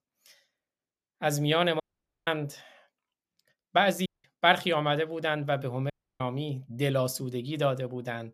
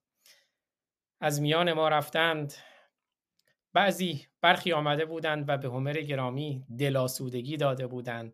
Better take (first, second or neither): second